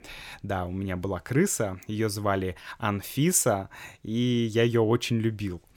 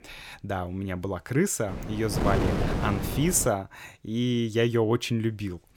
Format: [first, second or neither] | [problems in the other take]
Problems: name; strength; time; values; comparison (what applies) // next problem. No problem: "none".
first | wind noise on the microphone; heavy; from 1.5 to 3.5 s; 4 dB below the speech